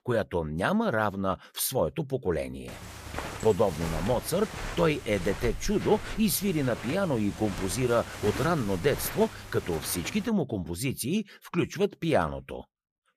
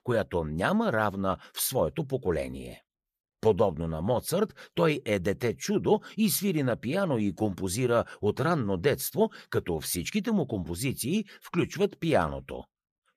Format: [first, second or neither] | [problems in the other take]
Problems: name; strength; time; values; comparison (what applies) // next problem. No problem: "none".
second | footsteps; noticeable; from 2.5 to 10 s; peak 7 dB below the speech